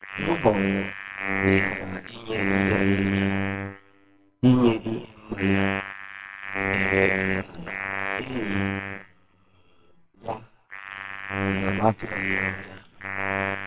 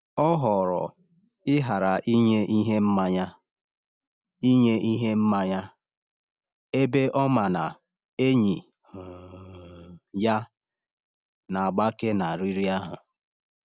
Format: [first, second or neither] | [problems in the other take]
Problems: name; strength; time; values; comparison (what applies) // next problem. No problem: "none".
second | noise reduction (neural separator model SepFormer WHAMR!)